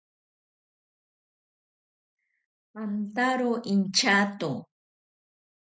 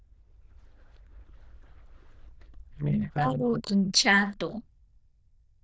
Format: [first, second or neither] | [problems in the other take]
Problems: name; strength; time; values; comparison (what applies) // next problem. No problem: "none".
first | noise reduction (neural diffusion model UNIVERSE++)